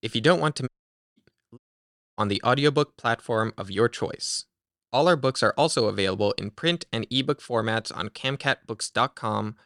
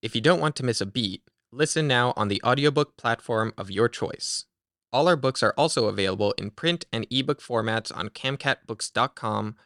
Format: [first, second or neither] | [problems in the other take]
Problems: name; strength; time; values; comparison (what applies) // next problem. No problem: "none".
second | audio cutting out; at 0.5 s and at 1.5 s for 0.5 s